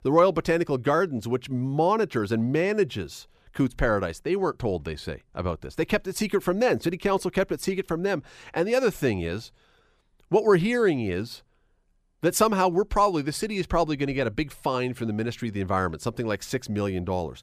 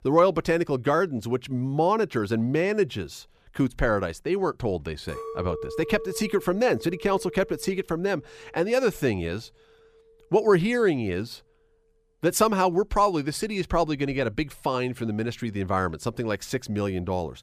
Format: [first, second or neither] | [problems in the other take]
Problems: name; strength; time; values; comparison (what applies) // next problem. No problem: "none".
first | clattering dishes; noticeable; from 5 to 9 s; peak 8 dB below the speech